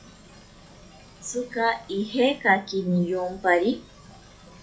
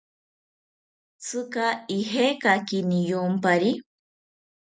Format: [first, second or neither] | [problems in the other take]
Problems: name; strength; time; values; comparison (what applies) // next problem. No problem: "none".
second | noise reduction (classical method log-MMSE)